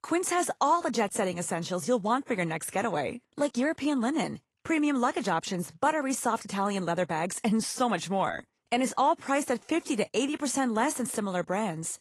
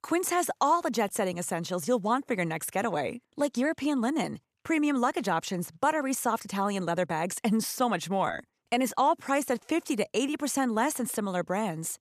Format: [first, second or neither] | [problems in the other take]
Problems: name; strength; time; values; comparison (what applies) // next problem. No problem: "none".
second | garbled, watery; slightly; nothing above 11.5 kHz